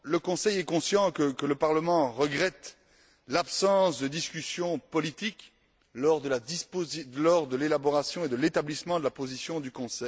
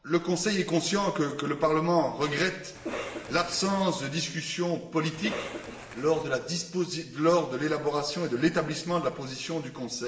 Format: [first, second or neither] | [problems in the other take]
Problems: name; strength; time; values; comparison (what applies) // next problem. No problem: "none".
first | background sound (Cough); 10 dB below the speech // room echo; dies away in 1.1 s